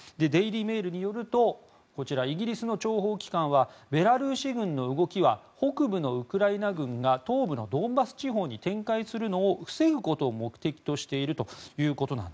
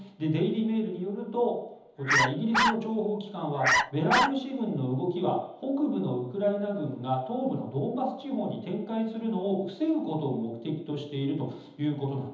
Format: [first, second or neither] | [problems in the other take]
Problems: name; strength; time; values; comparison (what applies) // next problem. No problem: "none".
first | background sound (Bark); 3 dB above the speech // room echo; dies away in 1.3 s